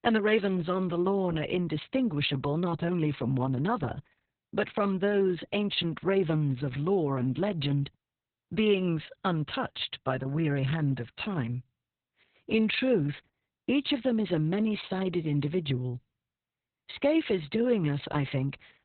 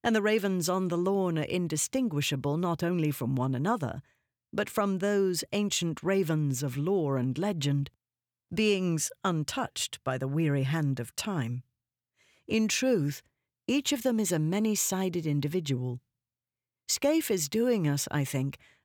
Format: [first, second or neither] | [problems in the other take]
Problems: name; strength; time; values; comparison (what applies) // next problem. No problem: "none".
second | garbled, watery; badly; nothing above 4 kHz